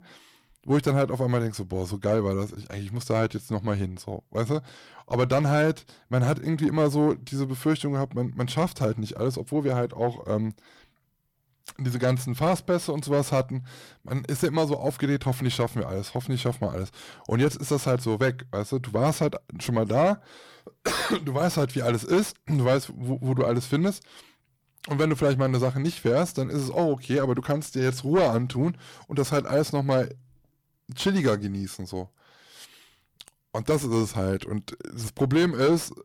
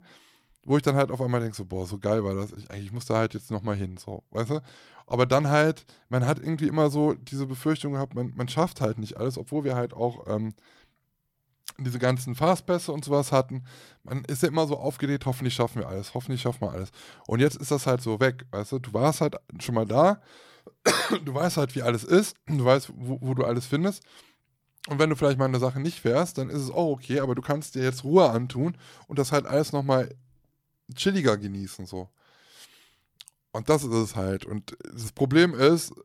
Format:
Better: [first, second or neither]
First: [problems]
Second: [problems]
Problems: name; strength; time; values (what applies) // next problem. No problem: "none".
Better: second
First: distortion; slight; 10 dB below the speech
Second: none